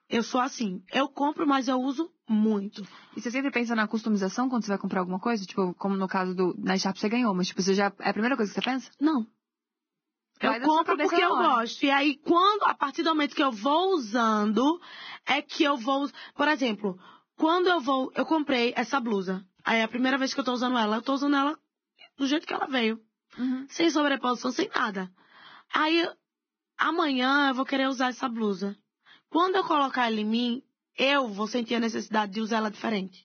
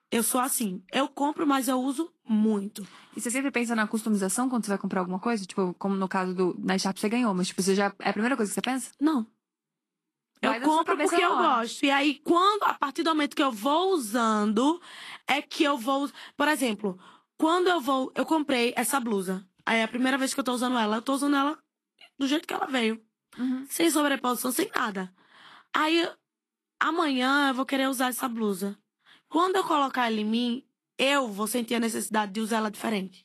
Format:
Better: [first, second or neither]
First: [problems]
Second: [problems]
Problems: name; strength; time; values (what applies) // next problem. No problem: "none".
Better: second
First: garbled, watery; badly; nothing above 6.5 kHz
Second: garbled, watery; slightly; nothing above 12.5 kHz